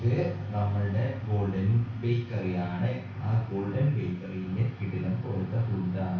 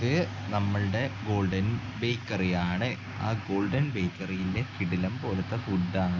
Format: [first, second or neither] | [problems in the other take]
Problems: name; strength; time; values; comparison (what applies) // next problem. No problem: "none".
second | room echo; dies away in 0.6 s